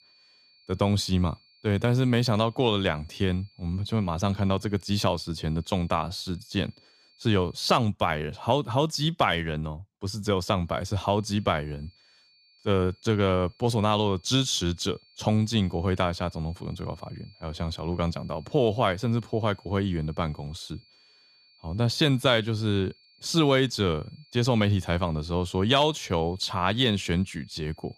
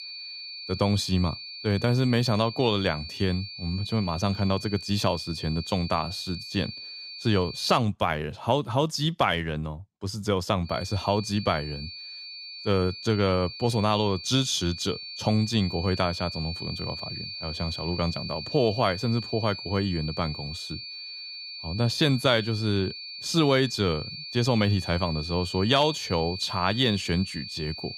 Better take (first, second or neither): first